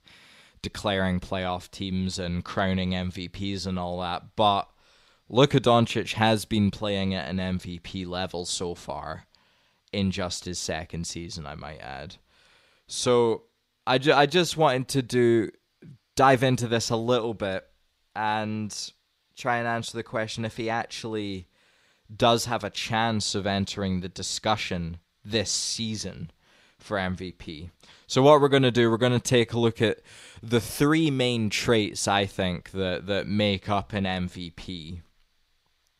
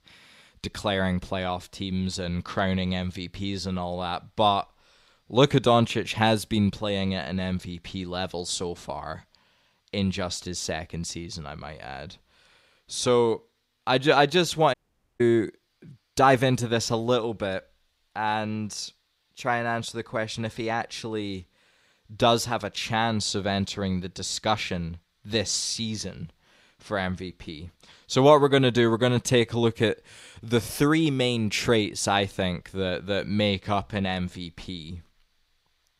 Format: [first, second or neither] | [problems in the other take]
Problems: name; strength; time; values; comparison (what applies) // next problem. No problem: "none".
first | audio cutting out; at 15 s